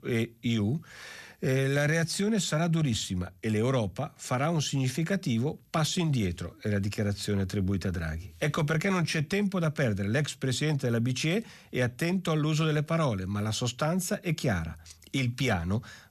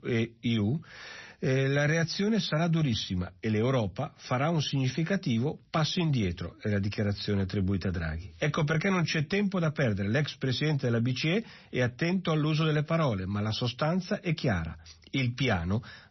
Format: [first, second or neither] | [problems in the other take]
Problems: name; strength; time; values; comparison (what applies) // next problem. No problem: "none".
first | garbled, watery; slightly; nothing above 6 kHz